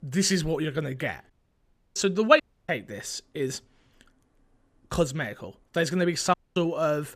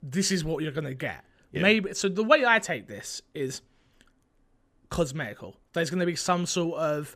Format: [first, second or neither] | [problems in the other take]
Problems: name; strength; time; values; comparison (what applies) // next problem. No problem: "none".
second | audio cutting out; at 1.5 s for 0.5 s, at 2.5 s and at 6.5 s